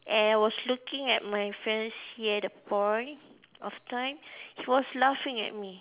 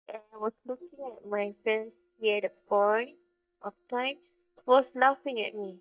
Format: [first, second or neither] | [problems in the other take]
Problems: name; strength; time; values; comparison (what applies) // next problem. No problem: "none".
first | noise reduction (neural mask model DeepFilterNet 3)